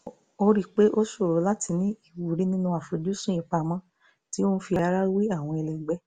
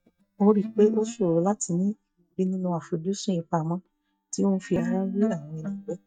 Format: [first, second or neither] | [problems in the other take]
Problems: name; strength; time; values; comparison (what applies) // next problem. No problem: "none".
first | noise reduction (neural mask model DeepFilterNet 3)